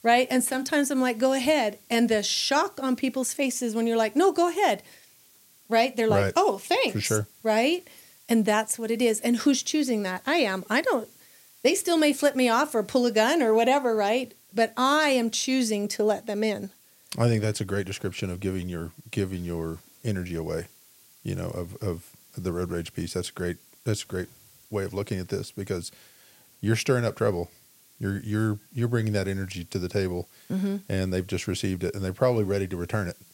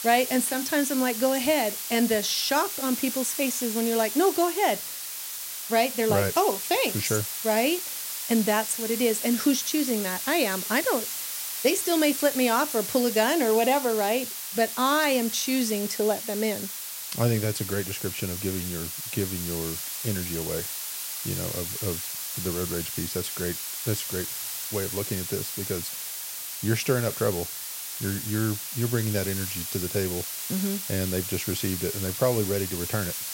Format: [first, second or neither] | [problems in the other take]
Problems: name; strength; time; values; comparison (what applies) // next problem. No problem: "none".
first | hiss; loud; throughout; 4 dB below the speech; faint in the first